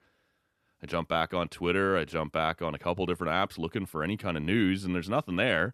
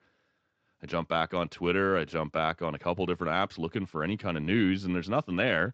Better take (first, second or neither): first